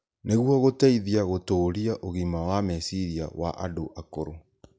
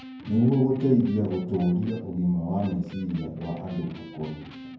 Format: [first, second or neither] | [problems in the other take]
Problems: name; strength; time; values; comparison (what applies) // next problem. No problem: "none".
first | background sound (Electric guitar); 19 dB below the speech // room echo; dies away in 0.9 s